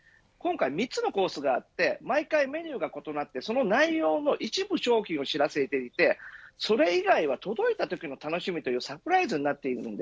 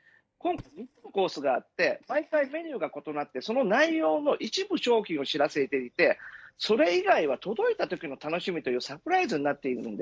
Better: first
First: none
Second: noise reduction (neural mask model DeepFilterNet 3)

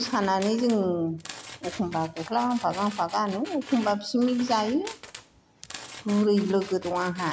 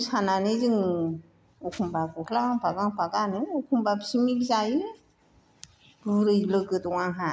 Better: second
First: background sound (Tools); 16 dB below the speech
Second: none

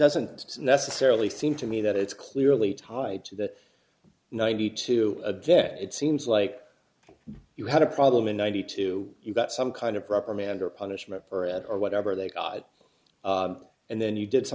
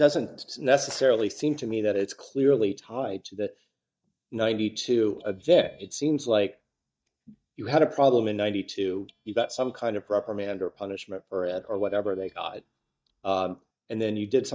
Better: first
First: none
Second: noise reduction (neural mask model DeepFilterNet 3)

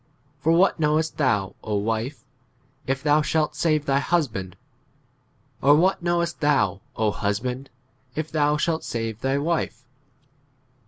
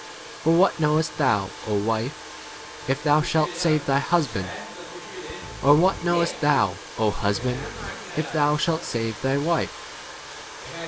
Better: first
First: none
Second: background sound (Burping, eructation + Domestic sounds, home sounds); 12 dB below the speech

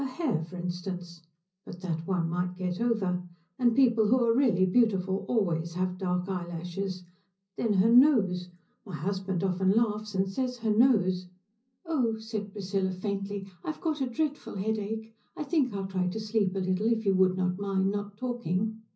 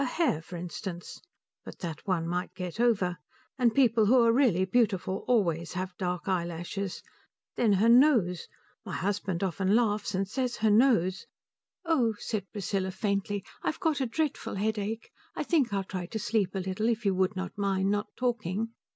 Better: second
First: room echo; dies away in 0.5 s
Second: none

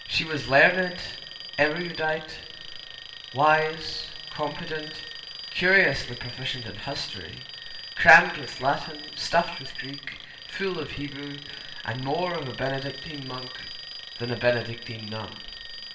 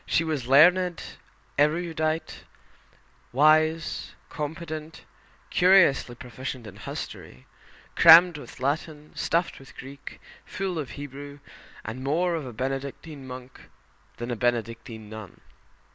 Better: second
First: background sound (Alarm); 13 dB below the speech // room echo; dies away in 0.8 s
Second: none

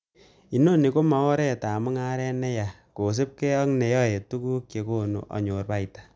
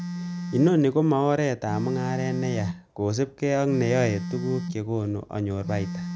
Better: first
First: none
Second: background sound (Telephone); 9 dB below the speech

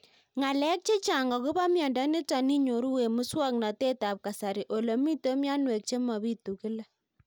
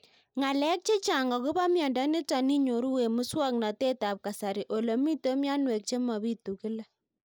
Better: first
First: none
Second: noise reduction (neural mask model Resemble Enhance denoiser)

